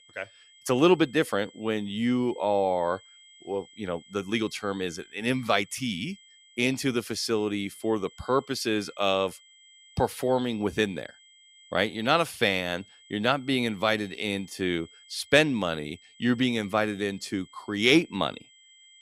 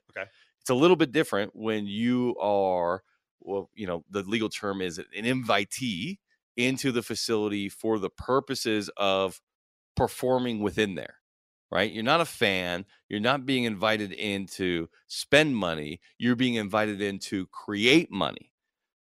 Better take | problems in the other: second | high-pitched whine; faint; throughout; 3 kHz, 25 dB below the speech

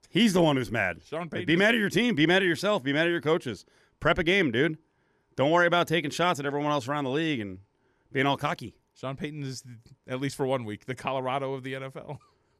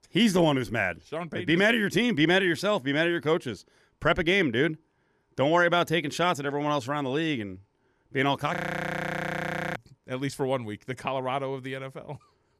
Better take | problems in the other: first | audio freezing; at 8.5 s for 1 s

